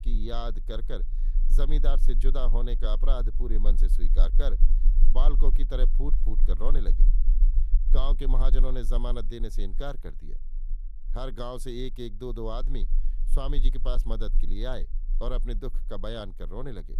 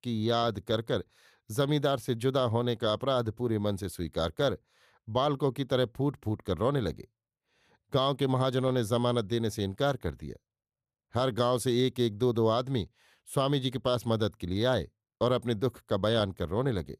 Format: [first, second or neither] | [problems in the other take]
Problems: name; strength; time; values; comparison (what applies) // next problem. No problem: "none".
second | low rumble; noticeable; throughout; 20 dB below the speech